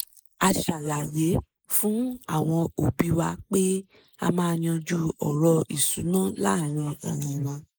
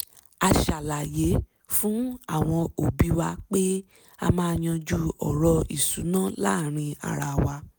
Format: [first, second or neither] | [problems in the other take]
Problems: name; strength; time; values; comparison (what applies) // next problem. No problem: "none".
second | noise reduction (neural mask model Resemble Enhance denoiser)